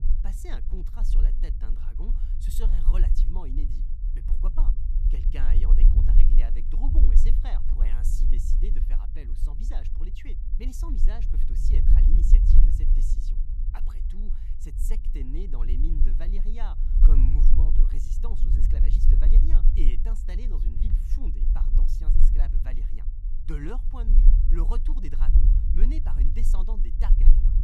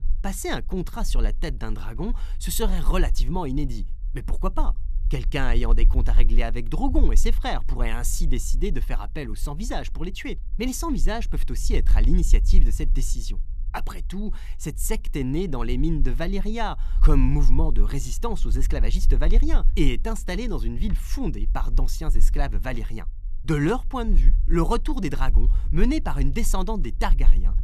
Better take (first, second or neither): second